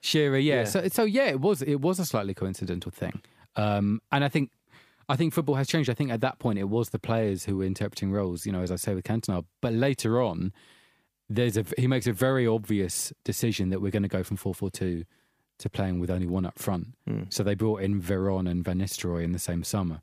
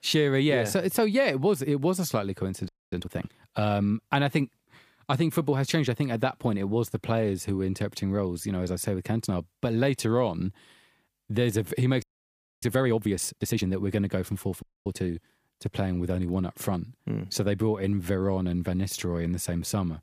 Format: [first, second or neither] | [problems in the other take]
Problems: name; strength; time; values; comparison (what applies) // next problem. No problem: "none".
first | audio freezing; at 2.5 s, at 12 s for 0.5 s and at 15 s